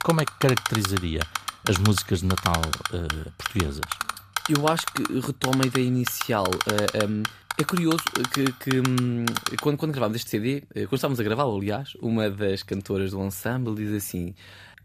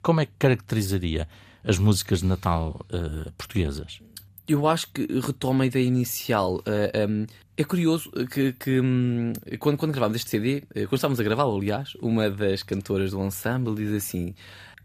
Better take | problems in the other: second | keyboard typing; loud; until 9.5 s; peak level with the speech

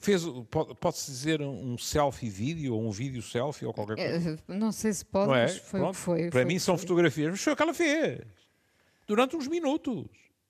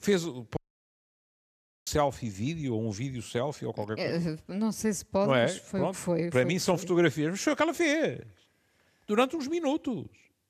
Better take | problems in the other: first | audio cutting out; at 0.5 s for 1.5 s

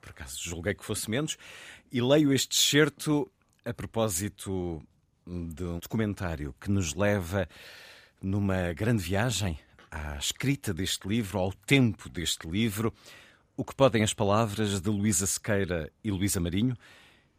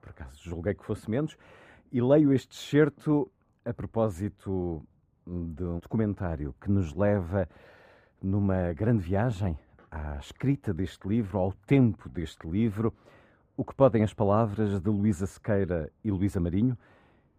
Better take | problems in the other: first | muffled; very; fading above 2 kHz

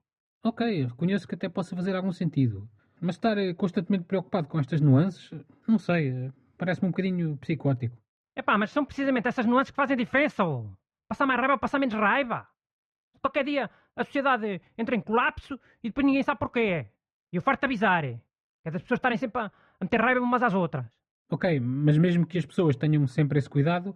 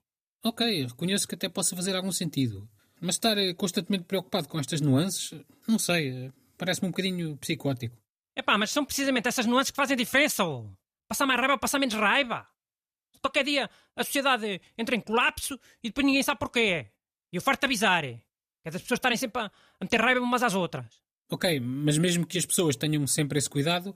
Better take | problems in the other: second | muffled; very; fading above 1.5 kHz

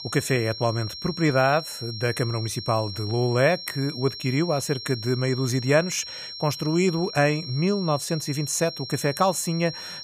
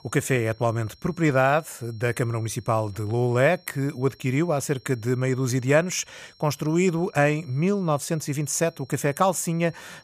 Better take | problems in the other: second | high-pitched whine; loud; throughout; 5.5 kHz, 10 dB below the speech; faint in the second

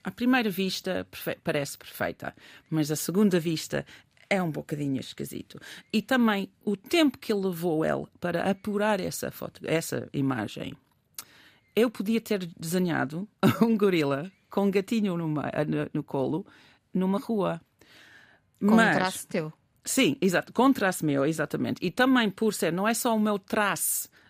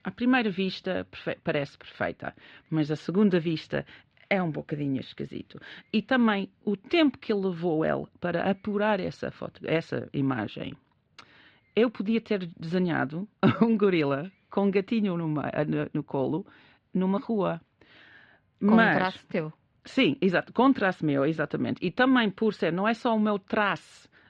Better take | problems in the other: first | muffled; slightly; fading above 3.5 kHz

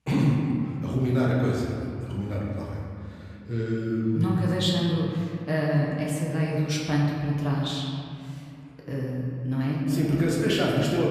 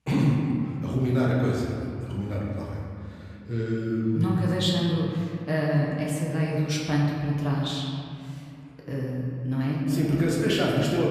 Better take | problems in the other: neither | room echo; noticeable; dies away in 2.4 s; the same in both // off-mic speech; far; the same in both

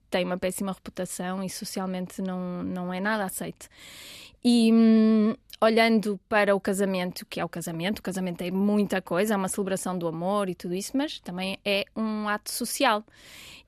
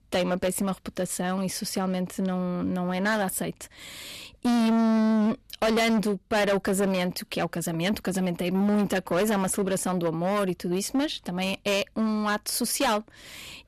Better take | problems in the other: first | distortion; heavy; 14% of the sound clipped

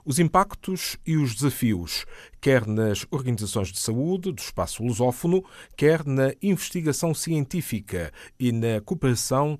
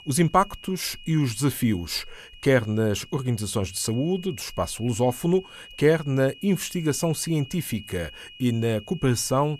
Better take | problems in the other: first | high-pitched whine; noticeable; throughout; 3 kHz, 20 dB below the speech

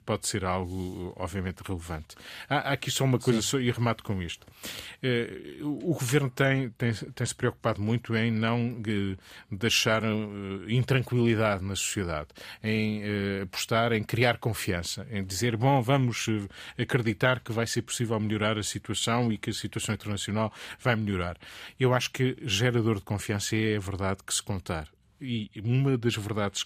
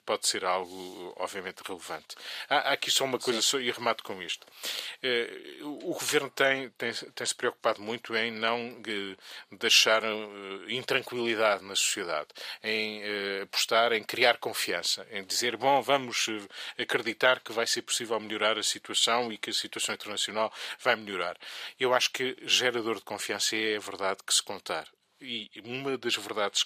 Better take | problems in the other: first | thin; very; fading below 500 Hz

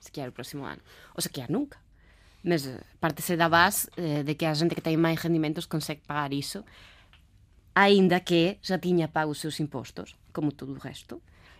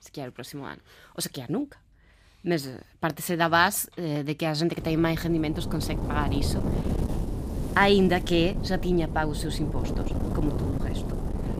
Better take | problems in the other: first | wind noise on the microphone; occasional gusts; from 5 s on; 10 dB below the speech

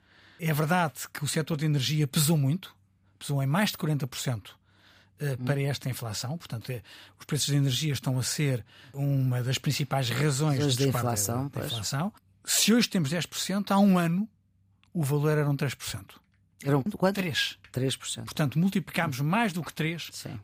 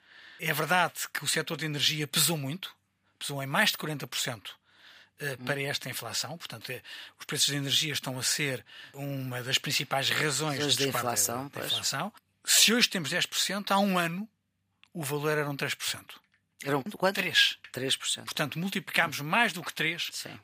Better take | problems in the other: first | thin; somewhat; fading below 1 kHz

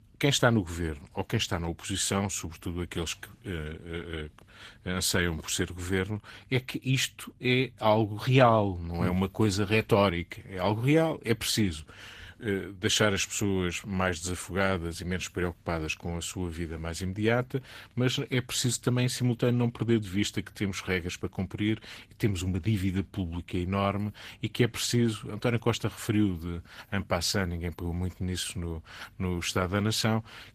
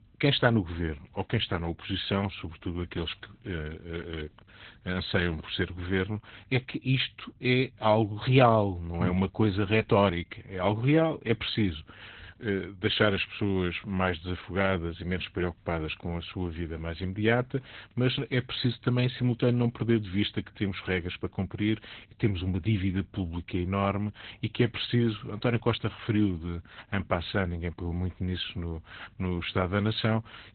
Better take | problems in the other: first | garbled, watery; badly; nothing above 4 kHz; slightly in the first

